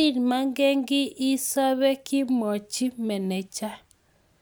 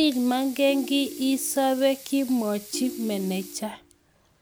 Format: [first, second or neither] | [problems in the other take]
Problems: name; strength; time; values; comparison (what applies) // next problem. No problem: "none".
first | background sound (Sink (filling or washing) / Water tap, faucet / Liquid + Ringtone); 15 dB below the speech